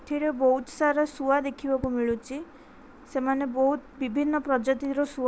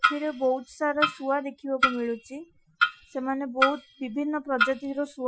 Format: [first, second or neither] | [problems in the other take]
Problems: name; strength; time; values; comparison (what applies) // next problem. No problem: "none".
first | noise reduction (classical method Wiener filter)